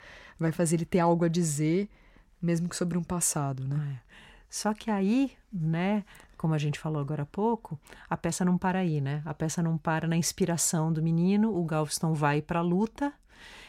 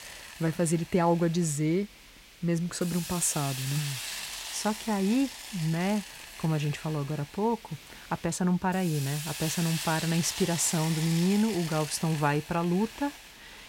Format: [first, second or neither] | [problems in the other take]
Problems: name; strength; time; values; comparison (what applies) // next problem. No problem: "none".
first | hiss; loud; throughout; 9 dB below the speech